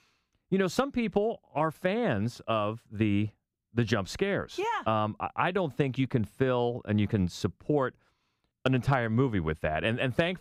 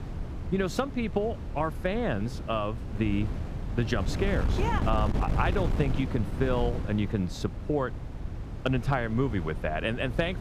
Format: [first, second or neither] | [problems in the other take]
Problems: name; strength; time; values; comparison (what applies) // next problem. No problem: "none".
first | wind noise on the microphone; occasional gusts; 10 dB below the speech